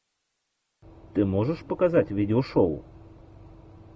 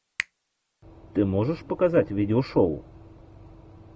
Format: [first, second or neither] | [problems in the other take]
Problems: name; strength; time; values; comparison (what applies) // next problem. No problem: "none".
first | background sound (Finger snapping); 15 dB below the speech